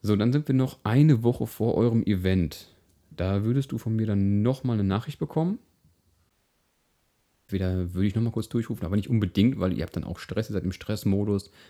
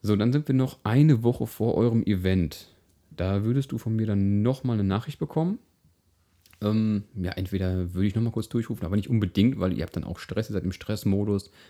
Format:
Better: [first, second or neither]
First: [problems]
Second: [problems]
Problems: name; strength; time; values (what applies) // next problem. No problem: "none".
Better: second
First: audio cutting out; at 6.5 s for 1 s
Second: none